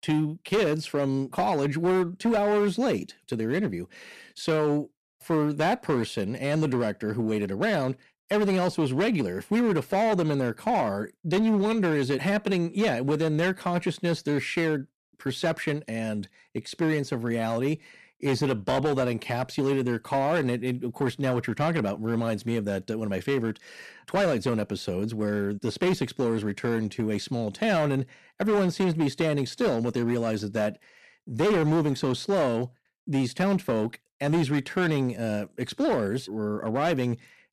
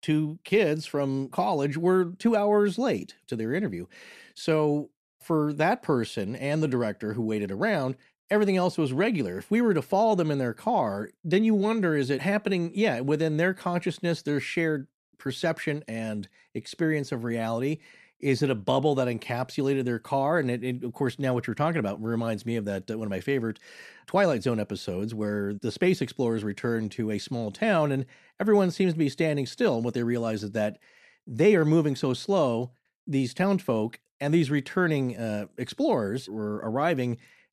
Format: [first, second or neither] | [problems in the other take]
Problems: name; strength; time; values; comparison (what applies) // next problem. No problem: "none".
second | distortion; slight; 10% of the sound clipped